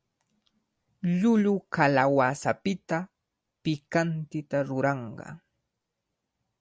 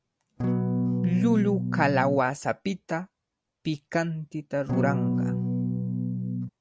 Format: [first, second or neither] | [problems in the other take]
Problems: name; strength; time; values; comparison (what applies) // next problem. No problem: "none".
first | background sound (Electric guitar / Strum); 2 dB above the speech